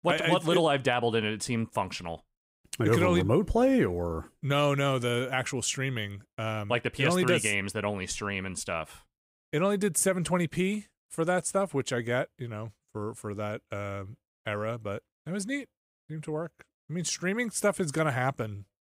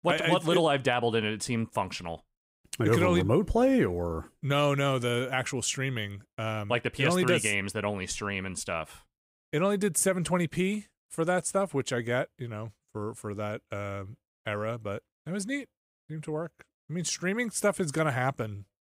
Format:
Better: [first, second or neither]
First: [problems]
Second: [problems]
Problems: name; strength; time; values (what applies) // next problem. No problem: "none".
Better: neither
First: none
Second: none